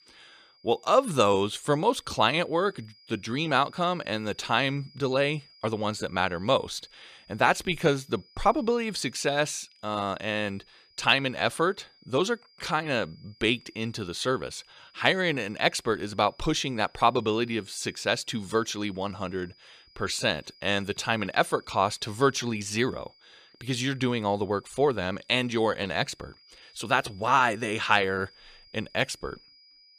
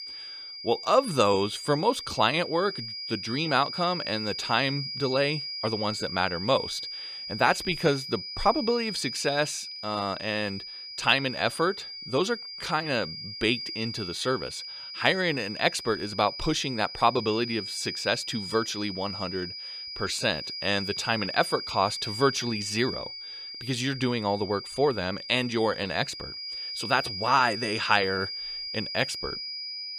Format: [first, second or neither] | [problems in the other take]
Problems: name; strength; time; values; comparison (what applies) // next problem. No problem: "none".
first | high-pitched whine; loud; throughout; 5 kHz, 7 dB below the speech; faint in the first